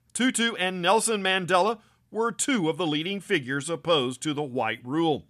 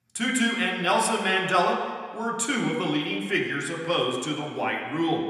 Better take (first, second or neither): first